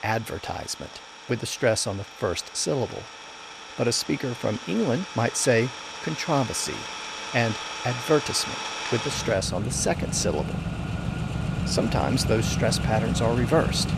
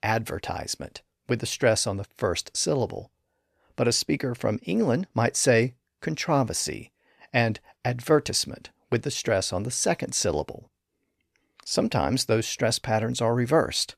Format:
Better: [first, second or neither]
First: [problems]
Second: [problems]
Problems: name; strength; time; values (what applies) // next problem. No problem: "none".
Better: second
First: traffic noise; loud; throughout; 5 dB below the speech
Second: none